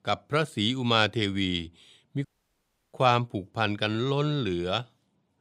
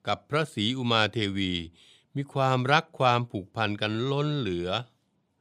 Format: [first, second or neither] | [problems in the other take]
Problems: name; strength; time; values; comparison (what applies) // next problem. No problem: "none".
second | audio cutting out; at 2.5 s for 0.5 s